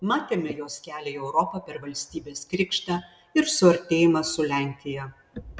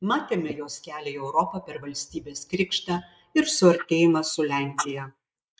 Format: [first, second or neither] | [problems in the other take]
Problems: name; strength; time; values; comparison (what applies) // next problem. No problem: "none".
first | noise reduction (neural mask model Resemble Enhance denoiser)